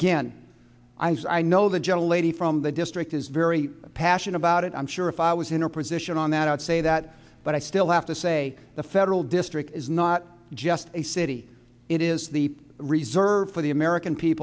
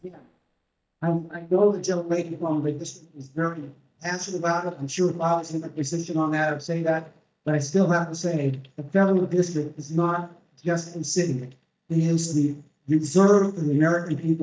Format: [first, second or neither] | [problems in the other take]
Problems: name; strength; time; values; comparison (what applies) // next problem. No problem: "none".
first | noise reduction (neural mask model DeepFilterNet 3)